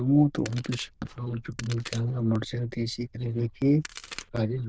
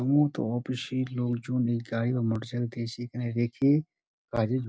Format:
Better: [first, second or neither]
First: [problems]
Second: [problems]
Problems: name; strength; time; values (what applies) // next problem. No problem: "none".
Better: second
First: noise reduction (neural diffusion model UNIVERSE++)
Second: none